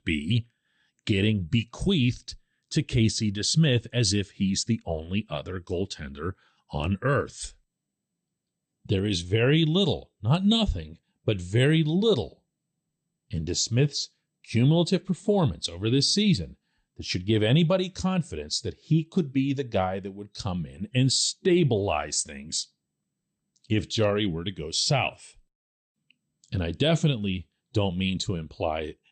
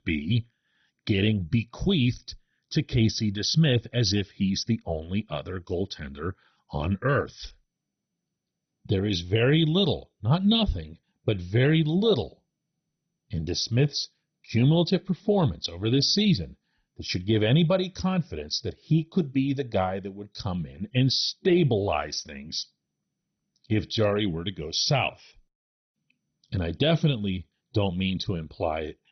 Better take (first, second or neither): first